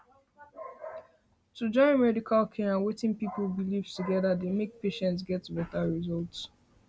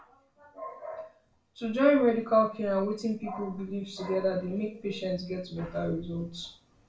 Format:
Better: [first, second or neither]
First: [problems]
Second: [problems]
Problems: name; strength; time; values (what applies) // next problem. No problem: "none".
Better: first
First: none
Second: room echo; dies away in 0.3 s